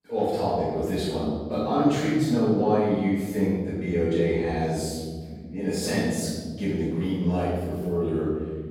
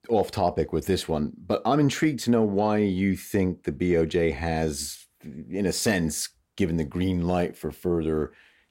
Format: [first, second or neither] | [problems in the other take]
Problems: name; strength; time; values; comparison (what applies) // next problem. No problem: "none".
second | off-mic speech; far // room echo; strong; dies away in 1.7 s